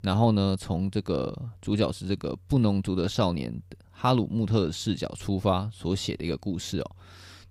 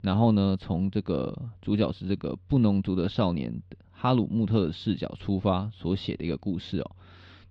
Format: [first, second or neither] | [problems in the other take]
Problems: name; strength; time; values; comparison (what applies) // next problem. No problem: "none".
first | muffled; very slightly; fading above 3.5 kHz